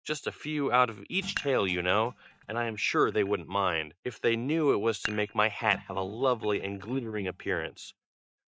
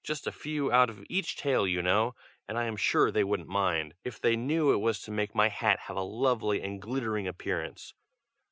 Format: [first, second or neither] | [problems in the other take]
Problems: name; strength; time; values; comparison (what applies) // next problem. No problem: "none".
second | noise reduction (neural mask model DeepFilterNet 3)